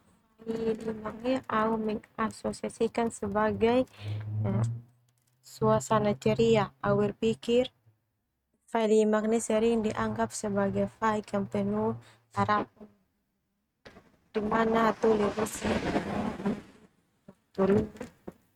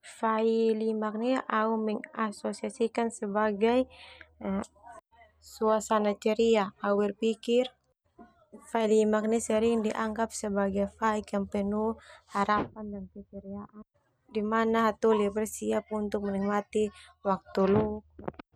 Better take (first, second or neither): second